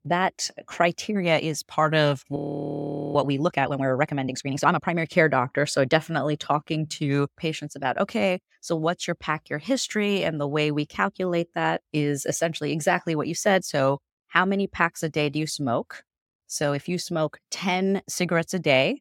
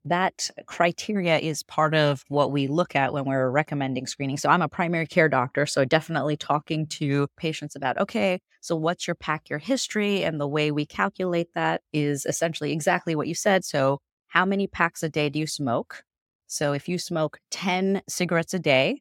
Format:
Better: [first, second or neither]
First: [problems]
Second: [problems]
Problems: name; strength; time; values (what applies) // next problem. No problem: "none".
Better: second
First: audio freezing; at 2.5 s for 1 s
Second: none